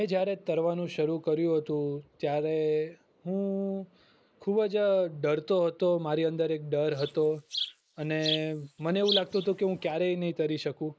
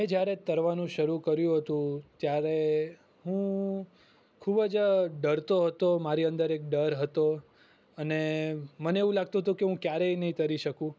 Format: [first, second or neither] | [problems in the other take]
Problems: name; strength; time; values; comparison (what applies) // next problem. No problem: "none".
second | noise reduction (neural mask model Resemble Enhance denoiser)